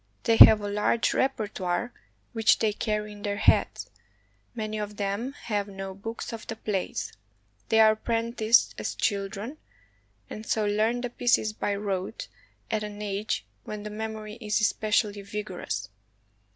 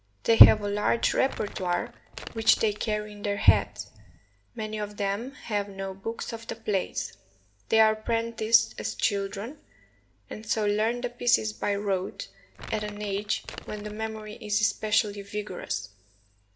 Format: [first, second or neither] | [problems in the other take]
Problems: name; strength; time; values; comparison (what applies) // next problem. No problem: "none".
first | background sound (Crumpling, crinkling); 15 dB below the speech // room echo; dies away in 0.4 s